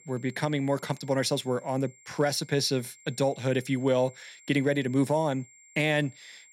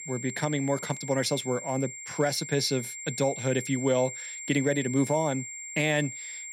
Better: first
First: high-pitched whine; faint; throughout; 7.5 kHz, 25 dB below the speech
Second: high-pitched whine; loud; throughout; 7.5 kHz, 8 dB below the speech

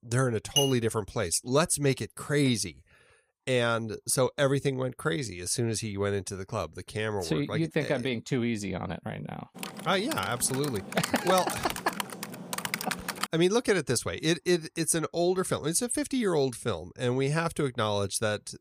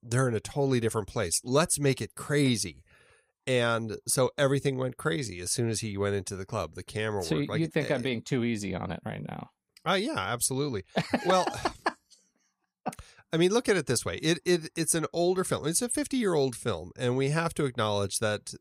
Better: second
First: clattering dishes; loud; at 0.5 s; peak 1 dB above the speech // keyboard typing; noticeable; from 9.5 to 13 s; peak 3 dB below the speech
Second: none

